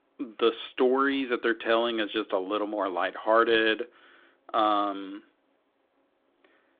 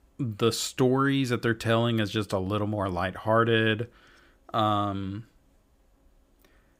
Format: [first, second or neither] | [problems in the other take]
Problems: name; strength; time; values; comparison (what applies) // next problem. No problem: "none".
second | phone-call audio; nothing above 3.5 kHz